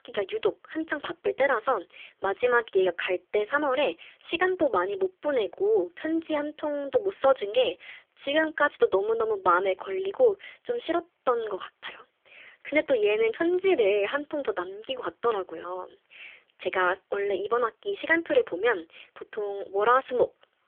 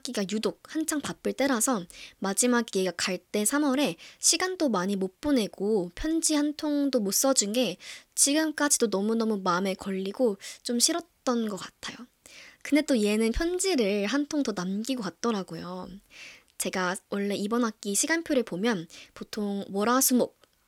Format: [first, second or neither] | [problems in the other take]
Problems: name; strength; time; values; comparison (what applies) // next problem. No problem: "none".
second | phone-call audio; poor line; nothing above 3.5 kHz